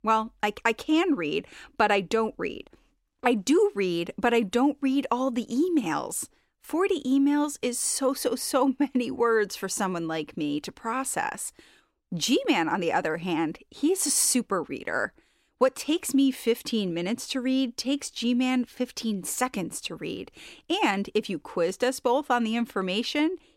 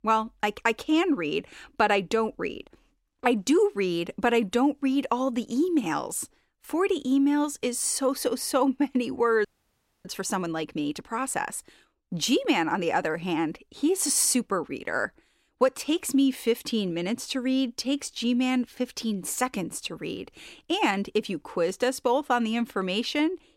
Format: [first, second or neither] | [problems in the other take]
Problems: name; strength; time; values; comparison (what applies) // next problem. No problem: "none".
first | audio freezing; at 9.5 s for 0.5 s